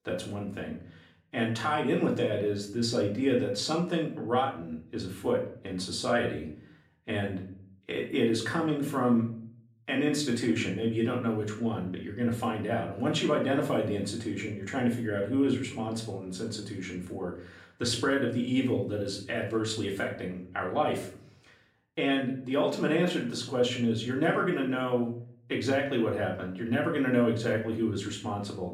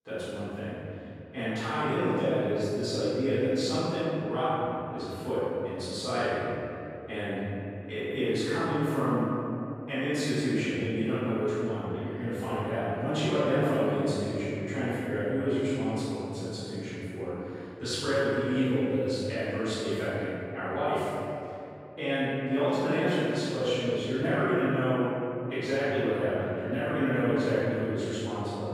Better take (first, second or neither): first